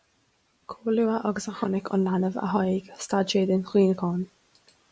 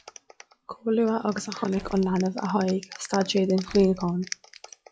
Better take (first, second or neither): first